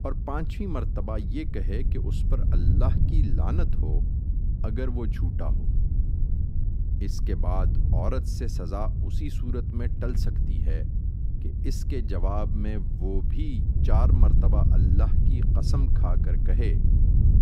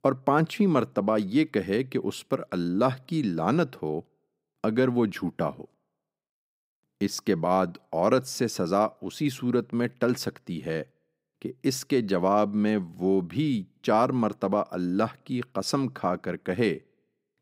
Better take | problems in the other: second | wind noise on the microphone; heavy; 5 dB below the speech

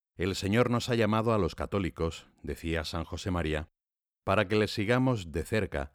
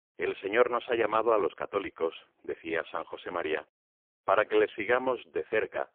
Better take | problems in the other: first | phone-call audio; poor line; nothing above 3.5 kHz

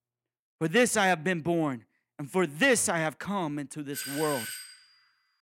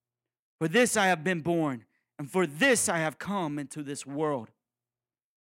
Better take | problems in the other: second | doorbell; noticeable; at 4 s; peak 7 dB below the speech

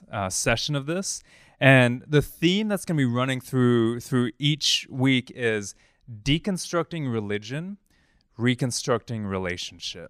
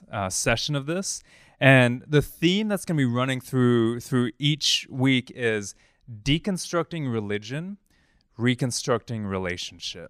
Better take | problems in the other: neither | none

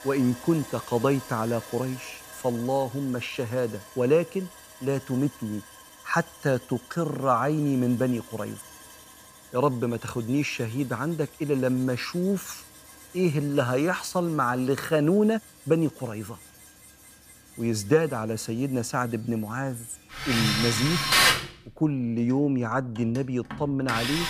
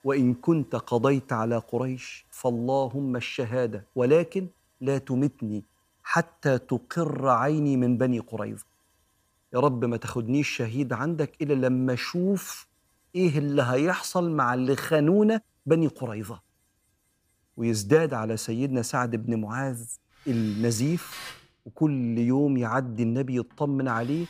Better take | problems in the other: second | machinery noise; loud; throughout; as loud as the speech; faint in the second

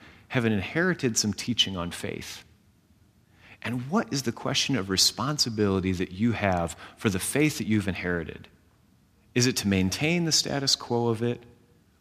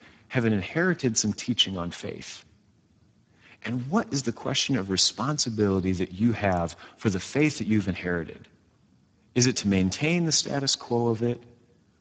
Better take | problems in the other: first | garbled, watery; badly; nothing above 7.5 kHz

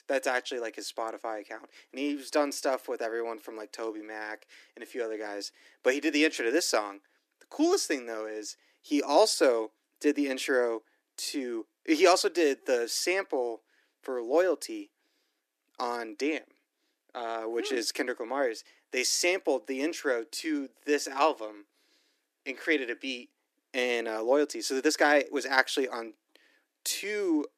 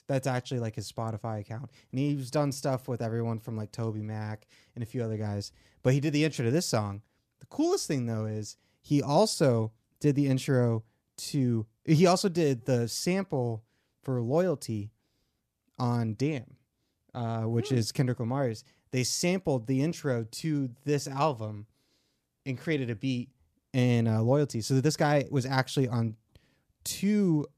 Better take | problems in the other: second | thin; somewhat; fading below 300 Hz

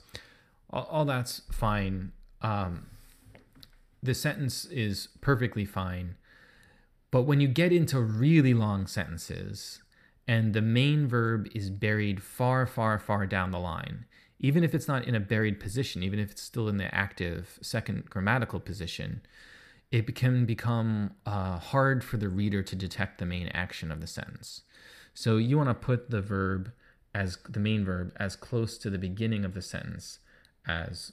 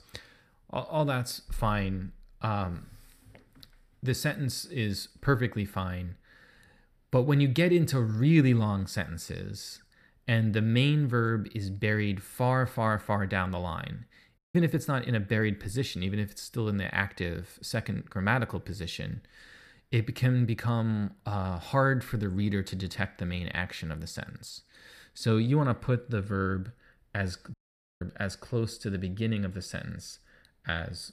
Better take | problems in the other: first | audio cutting out; at 14 s and at 28 s

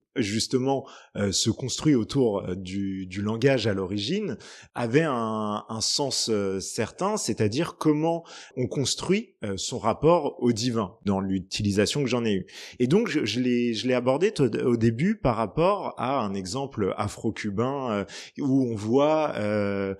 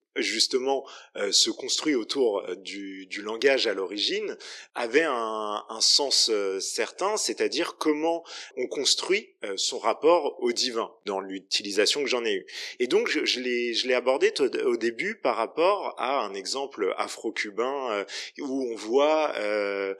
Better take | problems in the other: first | thin; somewhat; fading below 350 Hz

